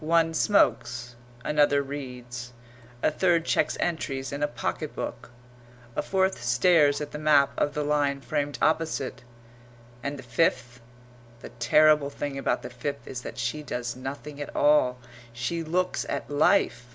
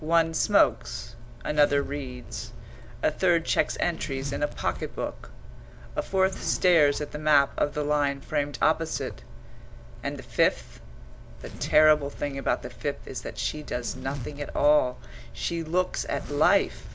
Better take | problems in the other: first | background sound (Zipper (clothing)); 11 dB below the speech

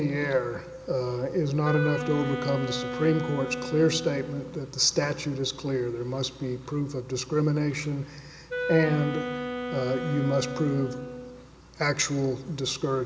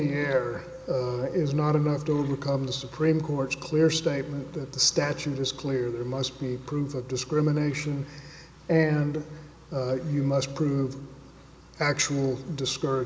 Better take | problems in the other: second | background sound (Wind instrument, woodwind instrument); 6 dB below the speech

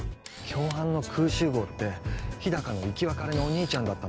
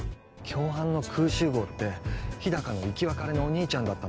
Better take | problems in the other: second | background sound (Camera); 20 dB below the speech

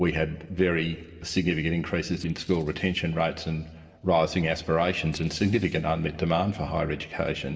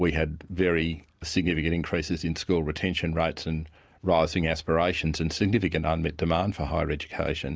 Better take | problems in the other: second | noise reduction (neural separator model SepFormer DNS4)

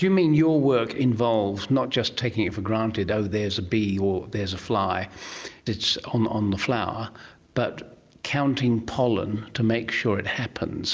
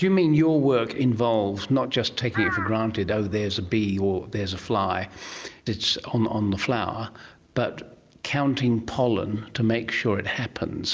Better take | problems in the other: first | background sound (Crow); 10 dB below the speech

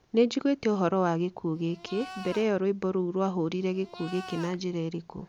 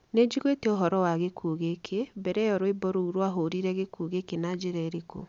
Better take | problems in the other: second | background sound (Livestock, farm animals, working animals); 16 dB below the speech

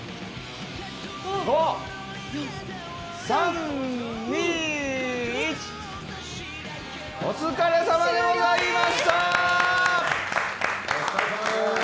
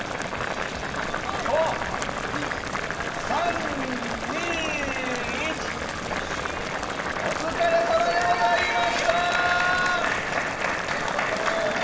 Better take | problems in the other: first | background sound (Boiling); 2 dB below the speech // room echo; dies away in 2.5 s

